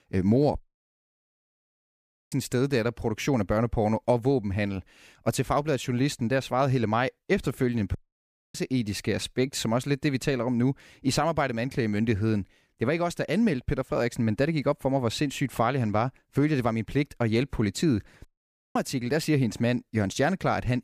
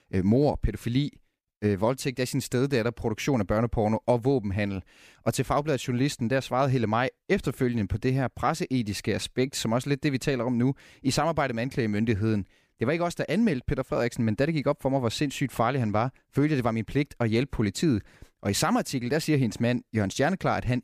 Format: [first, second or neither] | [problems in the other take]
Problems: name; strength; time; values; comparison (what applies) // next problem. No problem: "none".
second | audio cutting out; at 0.5 s for 1.5 s, at 8 s for 0.5 s and at 18 s for 0.5 s